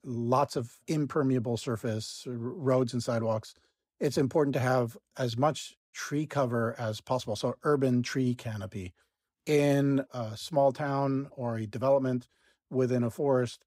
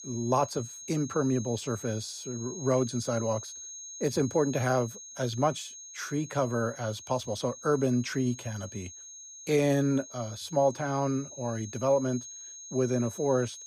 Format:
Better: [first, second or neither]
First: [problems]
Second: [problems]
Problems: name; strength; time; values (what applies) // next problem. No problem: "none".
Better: first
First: none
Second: high-pitched whine; noticeable; throughout; 6.5 kHz, 10 dB below the speech